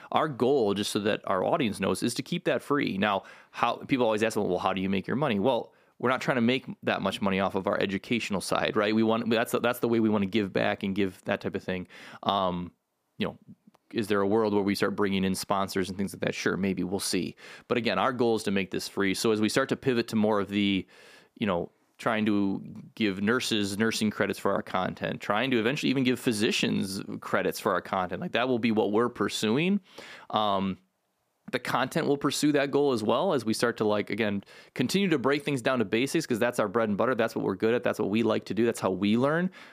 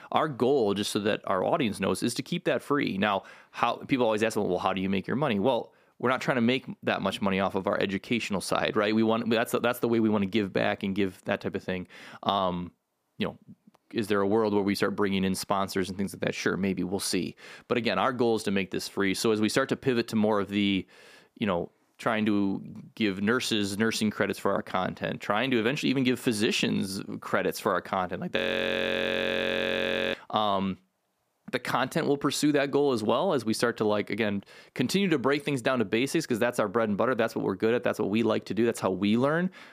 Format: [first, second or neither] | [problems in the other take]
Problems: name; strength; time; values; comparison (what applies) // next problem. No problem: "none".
first | audio freezing; at 28 s for 2 s